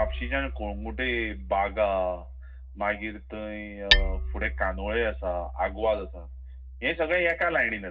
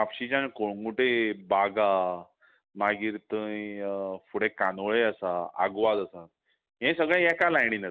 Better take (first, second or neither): second